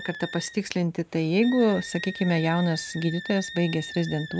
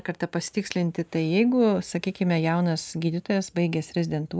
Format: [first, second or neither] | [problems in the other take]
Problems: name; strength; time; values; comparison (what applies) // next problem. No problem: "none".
second | background sound (Wind instrument, woodwind instrument); 14 dB below the speech